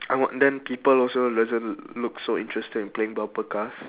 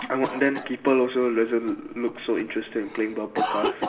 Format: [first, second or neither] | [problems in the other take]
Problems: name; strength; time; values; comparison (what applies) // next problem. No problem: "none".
first | background sound (Cough); 8 dB below the speech // room echo; dies away in 1.9 s